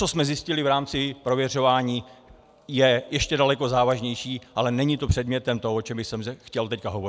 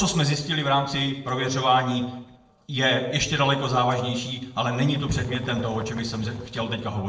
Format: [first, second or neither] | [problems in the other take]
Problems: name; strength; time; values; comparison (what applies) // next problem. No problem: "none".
first | noise reduction (neural separator model SepFormer DNS4)